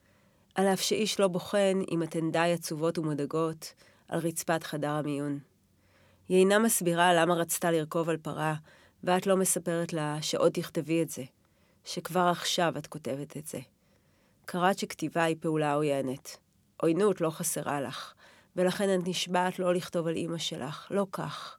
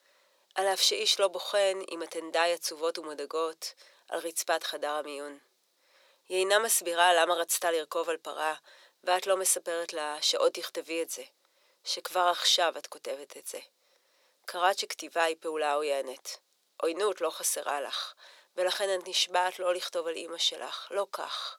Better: first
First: none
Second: thin; very; fading below 450 Hz

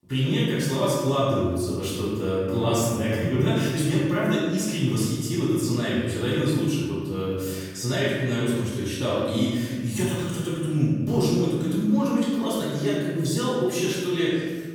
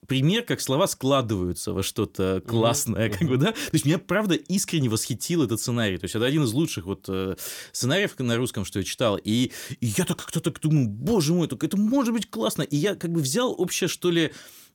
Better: second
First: off-mic speech; far // room echo; strong; dies away in 1.4 s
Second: none

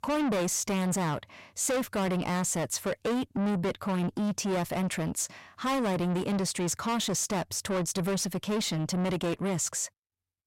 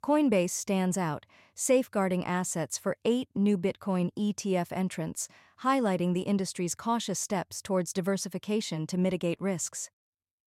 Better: second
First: distortion; heavy; 6 dB below the speech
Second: none

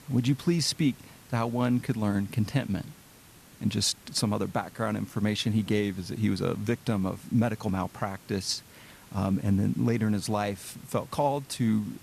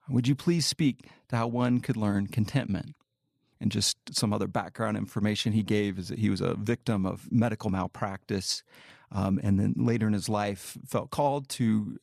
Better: second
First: hiss; faint; throughout; 25 dB below the speech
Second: none

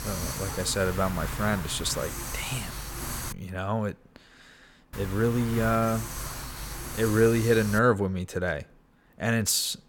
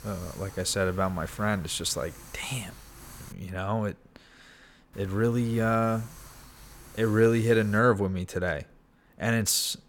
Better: second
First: hiss; loud; until 3.5 s and from 5 to 8 s; 9 dB below the speech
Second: hiss; faint; until 3.5 s and from 5 to 8 s; 20 dB below the speech

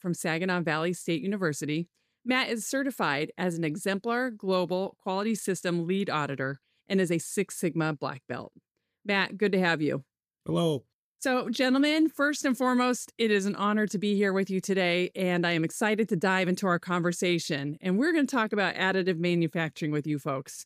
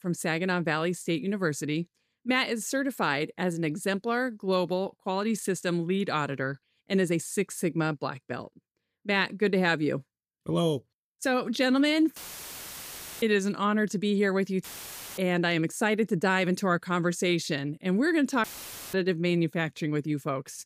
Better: first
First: none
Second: audio cutting out; filled with static; at 12 s for 1 s, at 15 s for 0.5 s and at 18 s

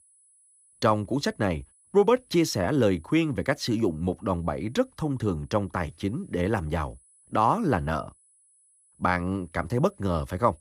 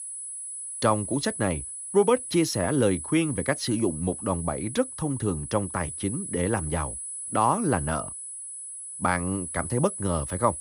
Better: first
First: high-pitched whine; faint; throughout; 10 kHz, 30 dB below the speech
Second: high-pitched whine; loud; throughout; 10 kHz, 7 dB below the speech

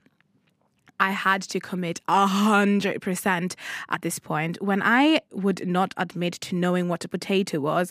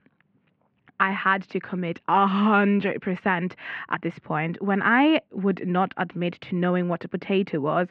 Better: first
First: none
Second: muffled; very; fading above 3 kHz

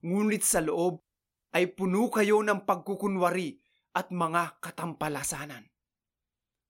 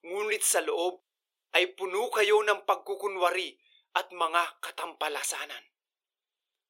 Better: first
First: none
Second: thin; very; fading below 400 Hz

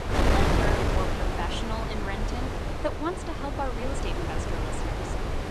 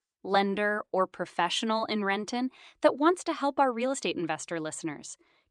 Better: second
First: wind noise on the microphone; heavy; 3 dB above the speech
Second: none

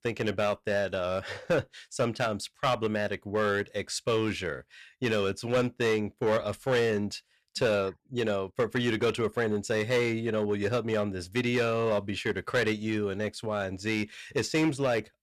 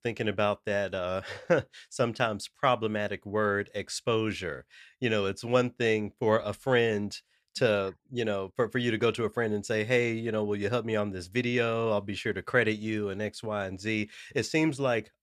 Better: second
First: distortion; slight; 5% of the sound clipped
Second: none

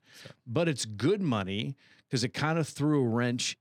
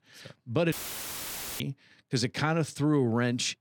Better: first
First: none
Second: audio cutting out; filled with static; at 0.5 s for 1 s

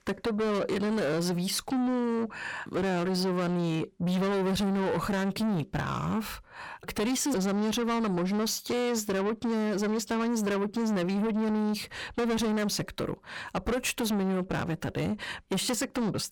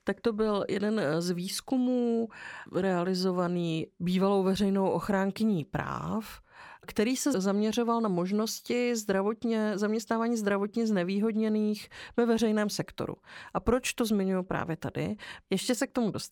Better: second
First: distortion; heavy; 7 dB below the speech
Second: none

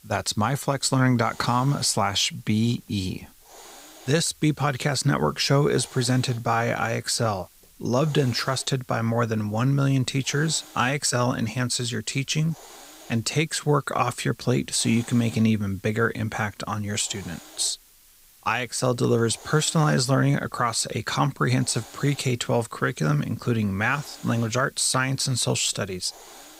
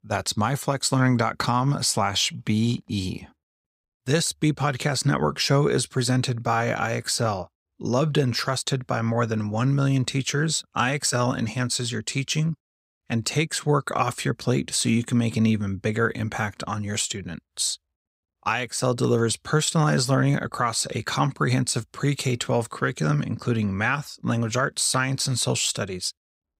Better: second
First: hiss; faint; throughout; 25 dB below the speech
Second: none

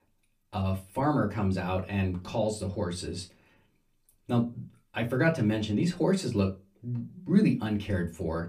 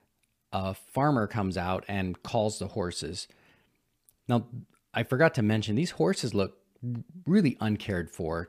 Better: second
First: off-mic speech; far // room echo; very slight; dies away in 0.2 s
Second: none

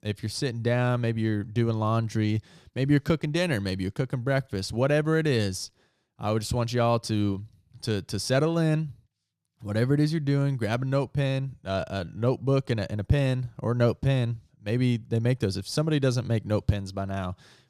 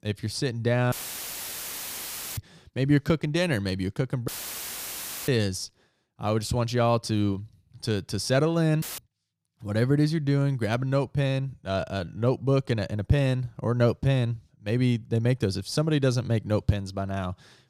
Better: first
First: none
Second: audio cutting out; filled with static; at 1 s for 1.5 s, at 4.5 s for 1 s and at 9 s

